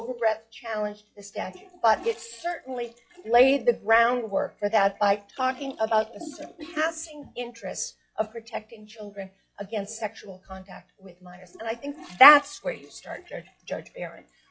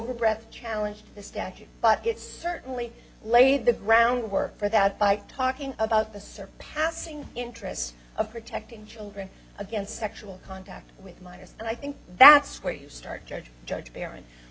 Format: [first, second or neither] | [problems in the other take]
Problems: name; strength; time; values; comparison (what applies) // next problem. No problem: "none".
second | noise reduction (classical method log-MMSE)